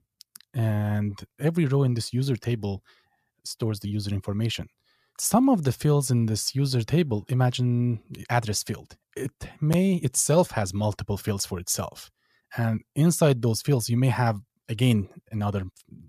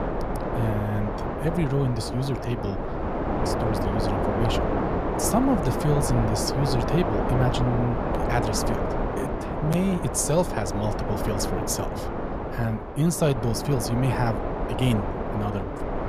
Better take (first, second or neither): first